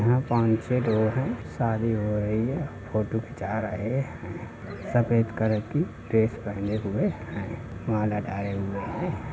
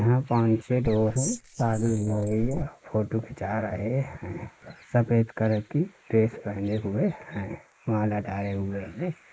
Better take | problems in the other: first | noise reduction (neural mask model Resemble Enhance denoiser)

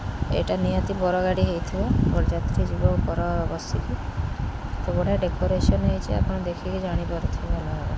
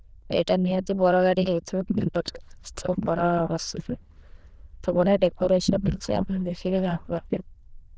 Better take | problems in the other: first | noise reduction (neural diffusion model UNIVERSE++)

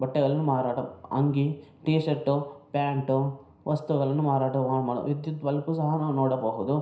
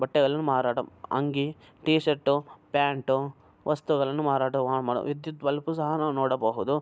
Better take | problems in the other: second | room echo; dies away in 0.5 s

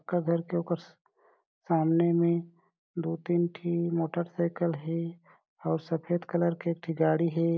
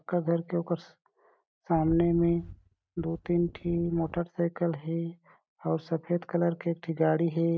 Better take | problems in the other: first | noise reduction (neural mask model RNNoise)

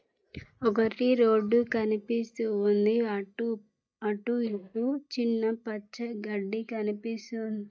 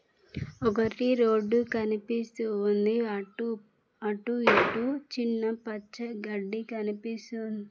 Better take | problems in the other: second | noise reduction (neural mask model DeepFilterNet 3)

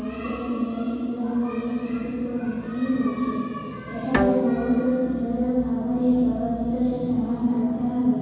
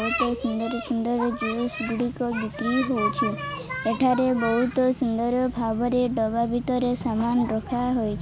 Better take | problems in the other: second | background sound (Bowed string instrument); 9 dB below the speech // room echo; dies away in 2 s

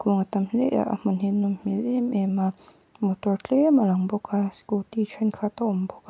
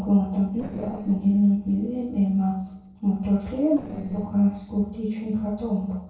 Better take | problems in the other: first | noise reduction (neural separator model SepFormer DNS4)

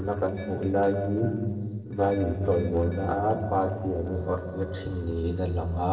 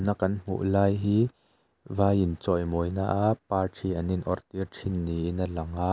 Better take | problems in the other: second | noise reduction (neural separator model SepFormer DNS4)

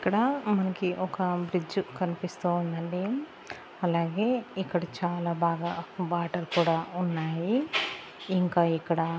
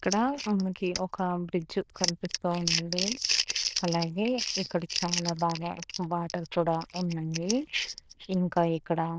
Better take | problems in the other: first | noise reduction (neural diffusion model UNIVERSE++)

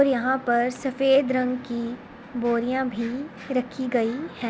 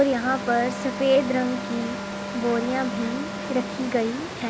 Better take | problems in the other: first | background sound (Water + Wind instrument, woodwind instrument); 7 dB below the speech

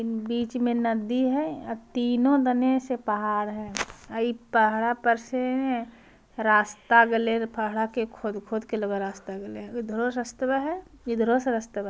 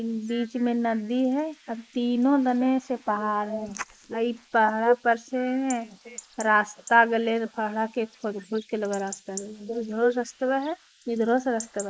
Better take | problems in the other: first | noise reduction (neural mask model Resemble Enhance denoiser)

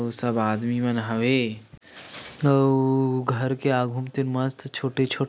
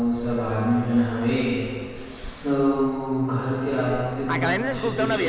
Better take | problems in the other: first | background sound (Fixed-wing aircraft, airplane); 7 dB below the speech // room echo; dies away in 1.9 s

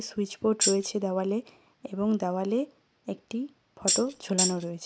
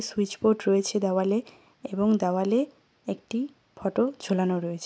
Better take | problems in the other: second | background sound (Tambourine); 2 dB above the speech

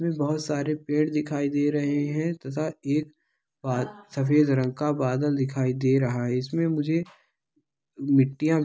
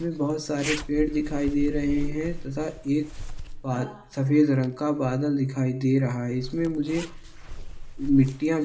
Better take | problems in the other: first | background sound (Zipper (clothing)); 10 dB below the speech // room echo; dies away in 0.7 s

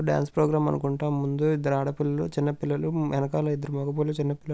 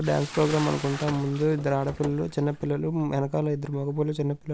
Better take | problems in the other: first | background sound (Car + Bathtub (filling or washing) / Splash, splatter); 16 dB below the speech

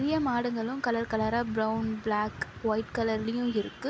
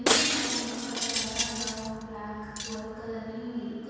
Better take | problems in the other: first | background sound (Shatter); 4 dB above the speech // room echo; dies away in 2.1 s

